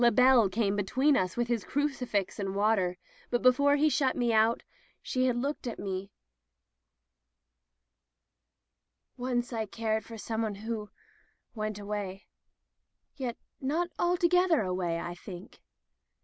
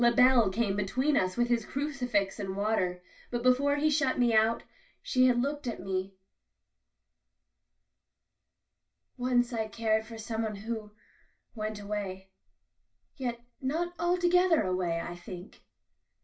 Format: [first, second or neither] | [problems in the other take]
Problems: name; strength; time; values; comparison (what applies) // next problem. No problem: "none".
first | room echo; dies away in 0.2 s